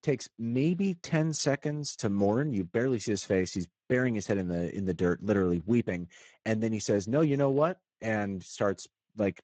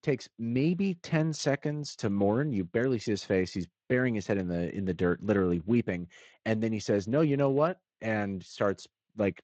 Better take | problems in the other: second | garbled, watery; badly; nothing above 7.5 kHz; slightly in the second

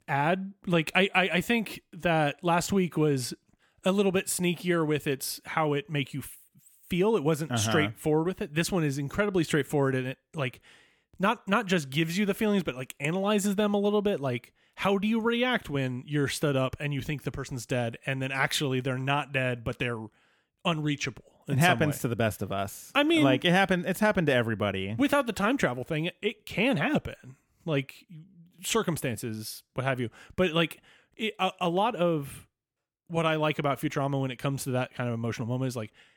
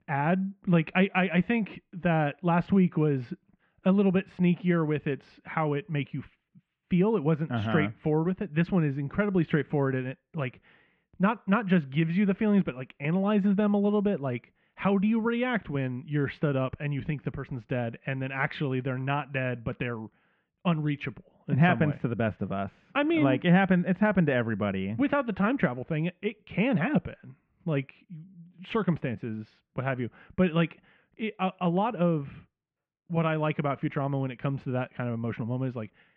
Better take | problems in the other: first | muffled; very; fading above 2.5 kHz

